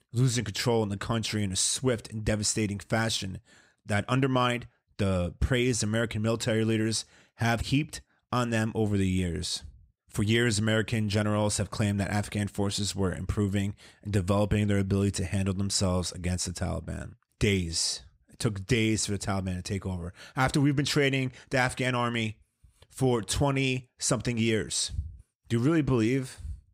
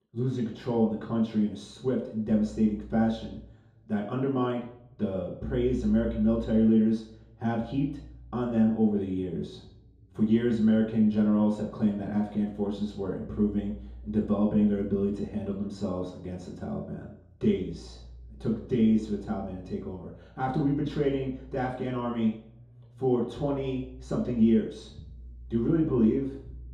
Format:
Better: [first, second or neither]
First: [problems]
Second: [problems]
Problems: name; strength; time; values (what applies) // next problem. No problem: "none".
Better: first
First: none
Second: room echo; noticeable; dies away in 3 s // off-mic speech; far